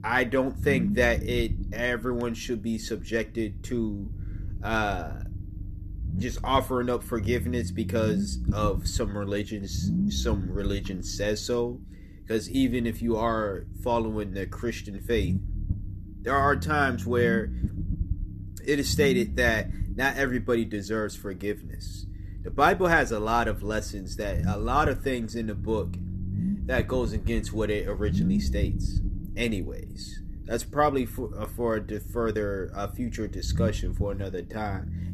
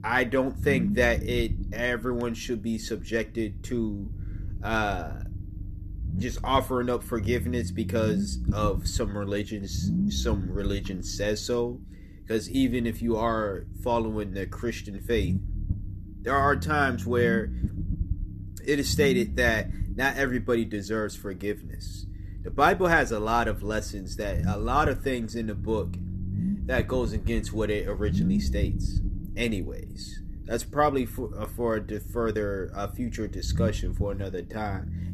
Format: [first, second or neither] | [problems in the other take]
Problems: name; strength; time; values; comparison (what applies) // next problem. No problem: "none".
neither | low rumble; noticeable; throughout; 15 dB below the speech; the same in both